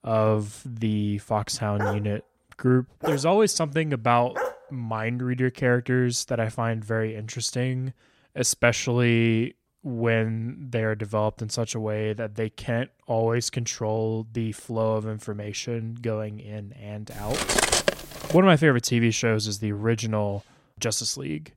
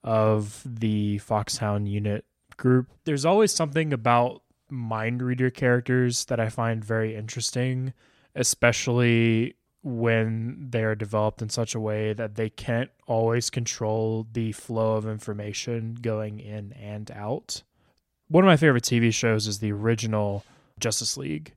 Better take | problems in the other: second | dog barking; noticeable; from 2 to 4.5 s; peak 6 dB below the speech // clattering dishes; loud; from 17 to 18 s; peak 5 dB above the speech

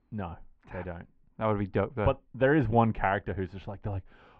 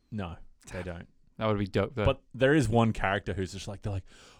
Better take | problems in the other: second | muffled; very; fading above 2 kHz

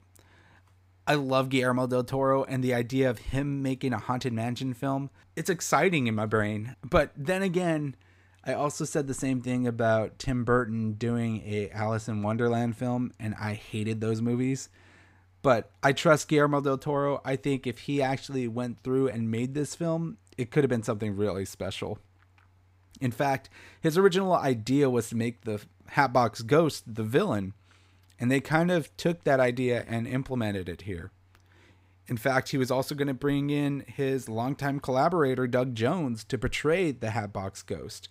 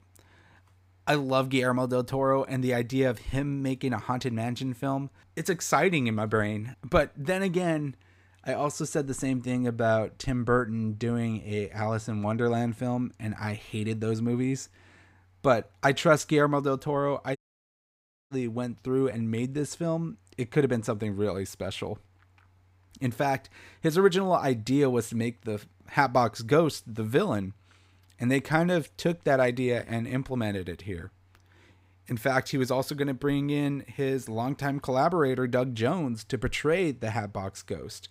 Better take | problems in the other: first | audio cutting out; at 17 s for 1 s

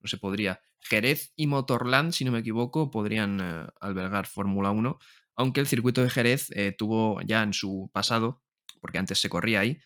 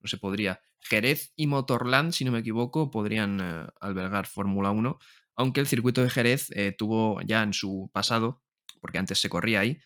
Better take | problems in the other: neither | none

